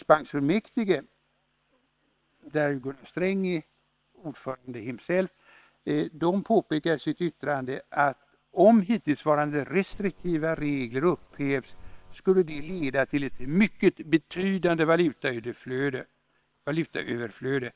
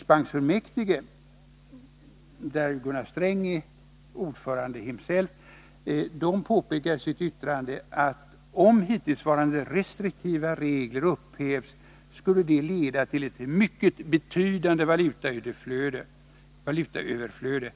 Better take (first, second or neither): second